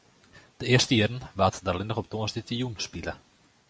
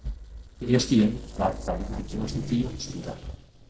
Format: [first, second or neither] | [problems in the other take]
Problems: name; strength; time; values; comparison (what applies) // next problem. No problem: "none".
first | noise reduction (neural separator model SepFormer DNS4)